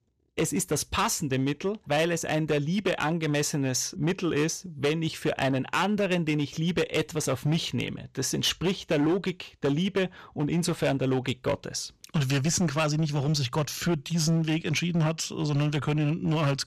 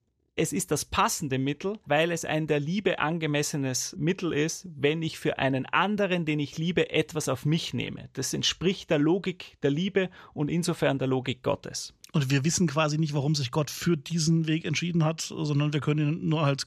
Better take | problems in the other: second | distortion; slight; 9% of the sound clipped

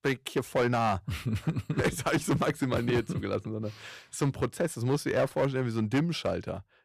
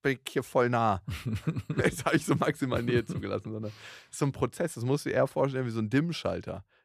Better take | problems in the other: second | distortion; slight; 6% of the sound clipped

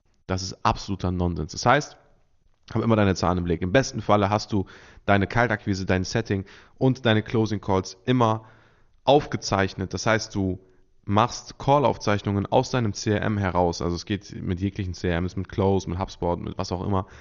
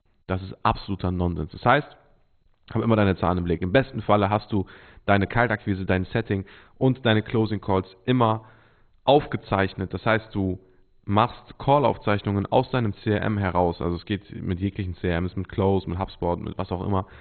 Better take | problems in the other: first | garbled, watery; badly; nothing above 4 kHz; slightly in the first

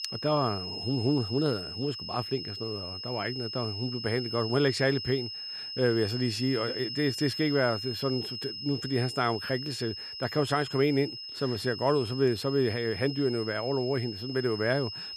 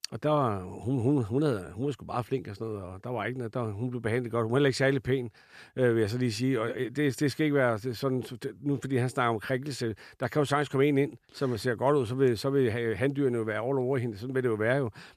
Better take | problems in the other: second | high-pitched whine; loud; throughout; 5 kHz, 6 dB below the speech

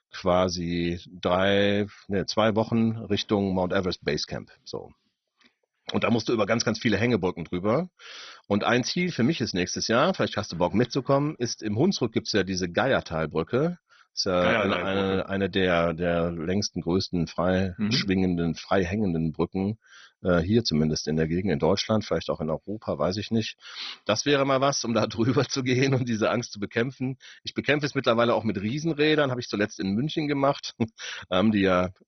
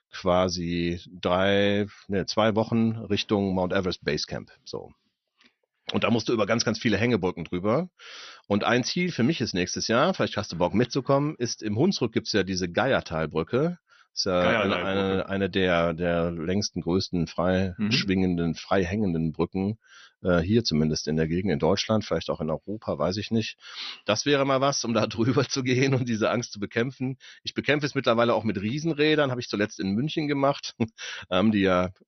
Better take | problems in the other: second | garbled, watery; badly; nothing above 6 kHz; slightly in the second

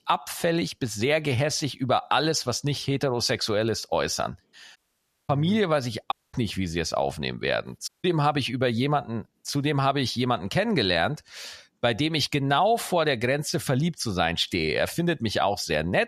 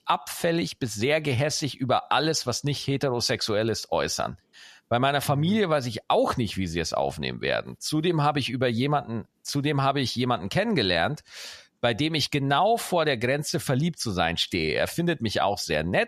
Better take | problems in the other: second | audio cutting out; at 5 s for 0.5 s, at 6 s and at 8 s

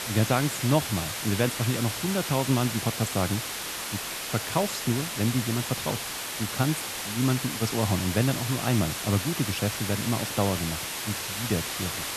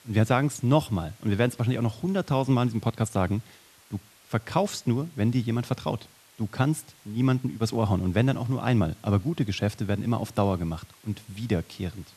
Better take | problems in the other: second | hiss; loud; throughout; 3 dB below the speech; faint in the second

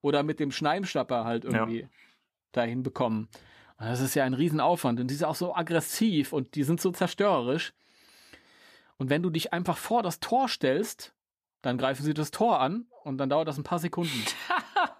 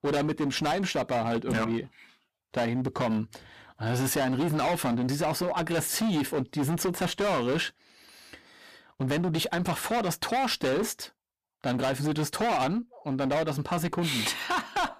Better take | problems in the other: first | distortion; heavy; 20% of the sound clipped

